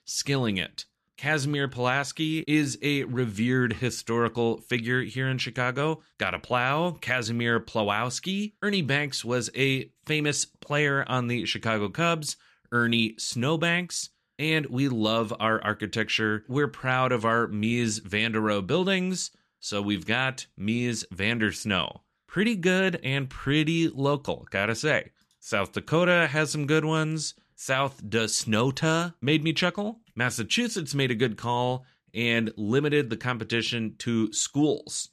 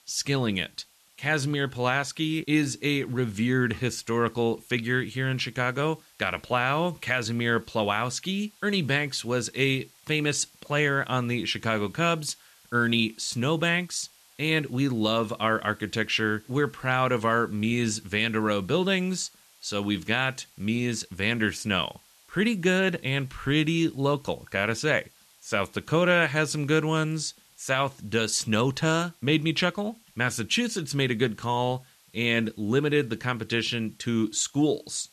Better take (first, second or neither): first